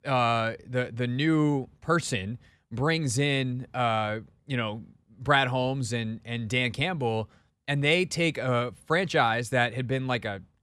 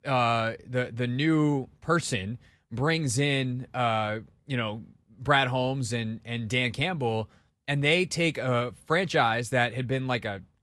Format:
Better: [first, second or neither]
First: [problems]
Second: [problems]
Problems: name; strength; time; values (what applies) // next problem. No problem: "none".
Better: first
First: none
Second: garbled, watery; slightly